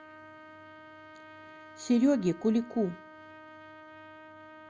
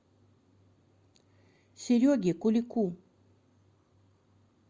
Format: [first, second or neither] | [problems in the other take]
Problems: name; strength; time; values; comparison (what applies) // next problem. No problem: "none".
second | background sound (Trumpet); 17 dB below the speech